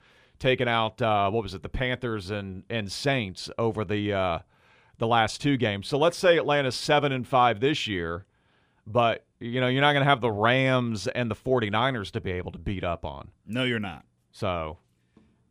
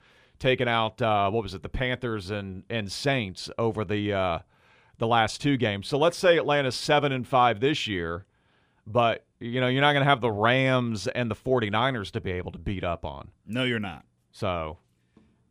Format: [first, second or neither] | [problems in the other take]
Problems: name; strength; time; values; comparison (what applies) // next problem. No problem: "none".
neither | none